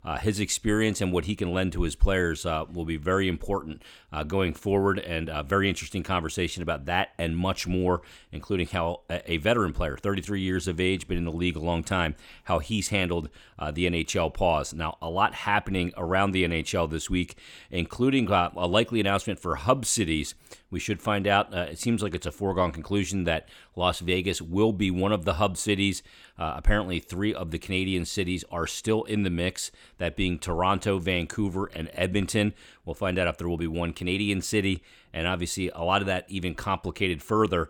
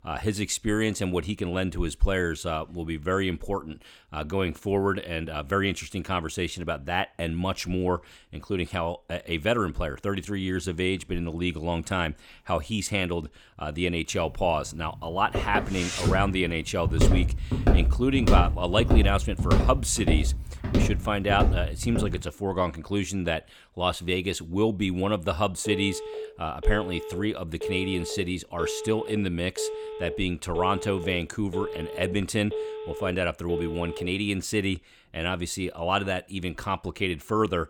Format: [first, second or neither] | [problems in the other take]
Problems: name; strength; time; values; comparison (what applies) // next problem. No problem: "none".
first | footsteps; loud; from 15 to 22 s; peak 5 dB above the speech // phone ringing; noticeable; from 26 to 34 s; peak 5 dB below the speech